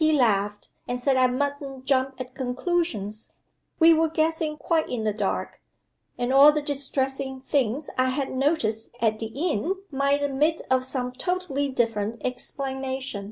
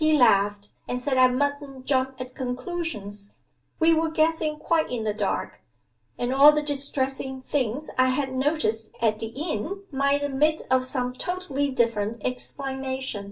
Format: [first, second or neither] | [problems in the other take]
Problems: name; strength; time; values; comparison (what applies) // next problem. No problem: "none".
first | room echo; dies away in 0.2 s